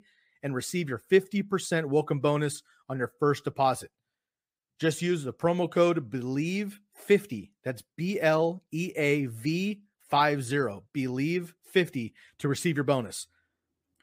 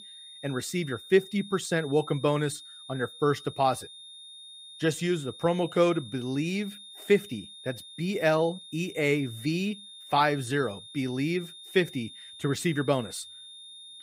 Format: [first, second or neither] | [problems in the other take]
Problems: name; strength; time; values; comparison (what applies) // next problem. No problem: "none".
first | high-pitched whine; noticeable; throughout; 3.5 kHz, 15 dB below the speech